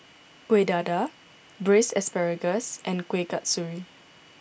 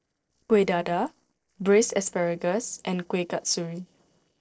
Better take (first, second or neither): first